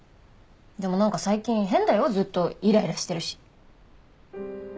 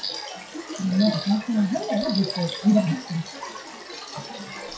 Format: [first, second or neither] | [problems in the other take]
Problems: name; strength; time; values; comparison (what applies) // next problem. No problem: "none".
first | noise reduction (classical method WPE with log-MMSE)